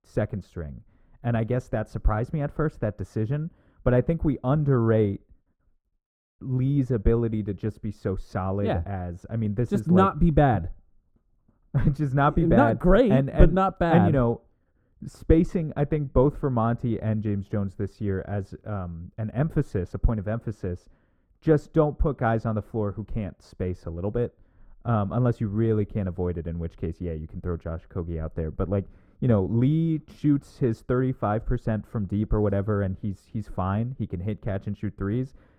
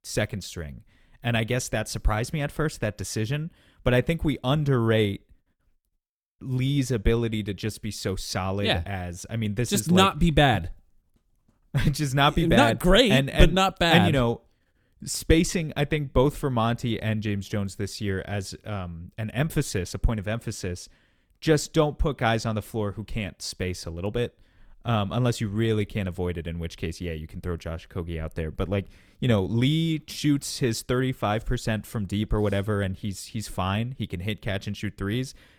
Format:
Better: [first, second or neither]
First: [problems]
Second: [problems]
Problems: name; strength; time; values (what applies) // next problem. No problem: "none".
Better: second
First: muffled; very; fading above 1.5 kHz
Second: none